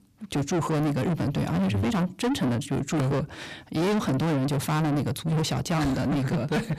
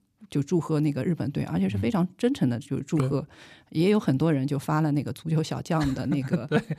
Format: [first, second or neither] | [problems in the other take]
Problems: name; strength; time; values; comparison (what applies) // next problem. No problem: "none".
second | distortion; heavy; 6 dB below the speech